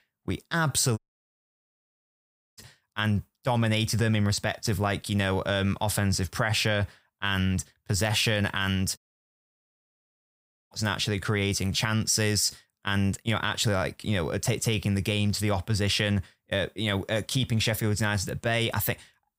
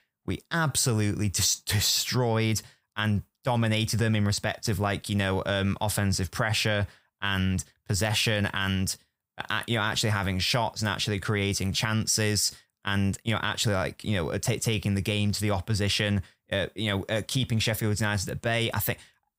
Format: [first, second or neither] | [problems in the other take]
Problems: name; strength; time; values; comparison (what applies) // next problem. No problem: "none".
second | audio cutting out; at 1 s for 1.5 s and at 9 s for 1.5 s